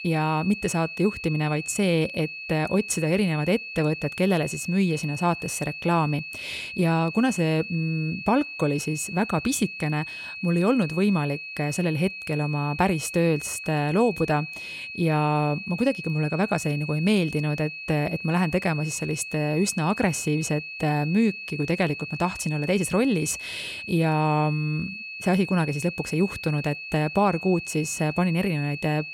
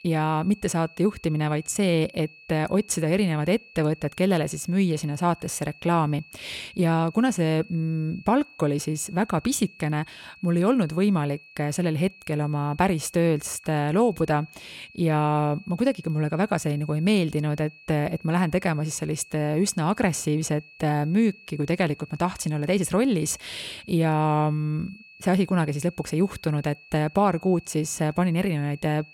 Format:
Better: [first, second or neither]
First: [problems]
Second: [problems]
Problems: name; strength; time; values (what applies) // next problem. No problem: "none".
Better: second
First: high-pitched whine; loud; throughout; 2.5 kHz, 9 dB below the speech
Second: high-pitched whine; faint; throughout; 2.5 kHz, 20 dB below the speech